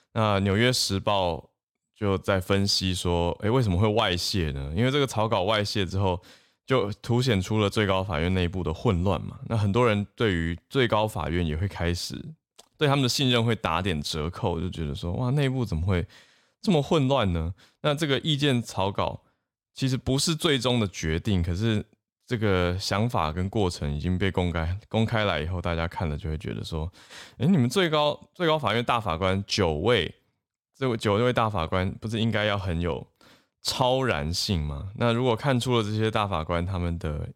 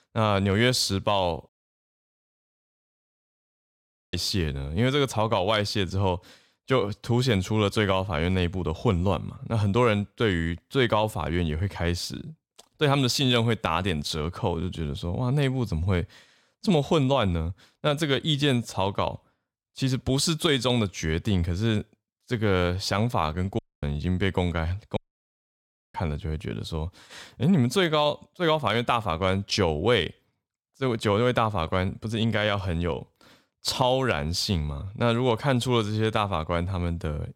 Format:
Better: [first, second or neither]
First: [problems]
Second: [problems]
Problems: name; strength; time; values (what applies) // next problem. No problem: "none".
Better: first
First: none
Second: audio cutting out; at 1.5 s for 2.5 s, at 24 s and at 25 s for 1 s